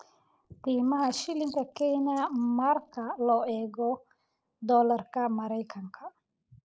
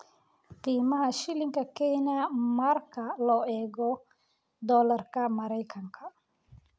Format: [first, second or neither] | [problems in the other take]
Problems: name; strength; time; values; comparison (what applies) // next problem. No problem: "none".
second | noise reduction (neural mask model Resemble Enhance denoiser)